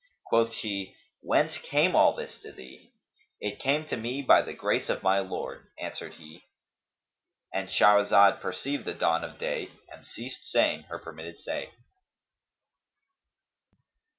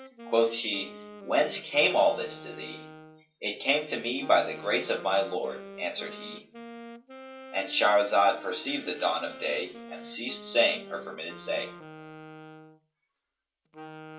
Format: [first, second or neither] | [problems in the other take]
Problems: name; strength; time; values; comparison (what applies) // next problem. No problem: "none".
first | background sound (Wind instrument, woodwind instrument); 16 dB below the speech // room echo; dies away in 0.3 s